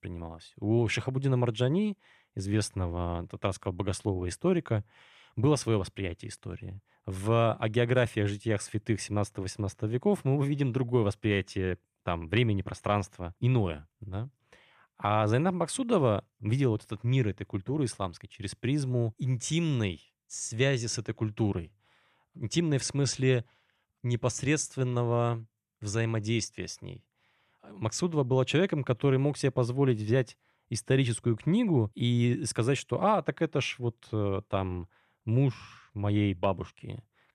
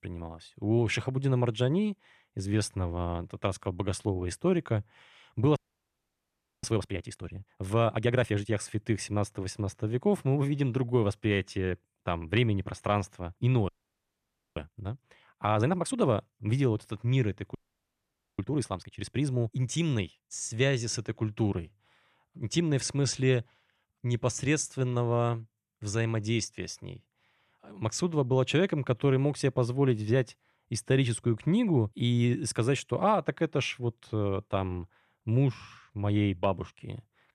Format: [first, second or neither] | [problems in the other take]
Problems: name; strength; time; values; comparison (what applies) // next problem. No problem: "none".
first | audio freezing; at 5.5 s for 1 s, at 14 s for 1 s and at 18 s for 1 s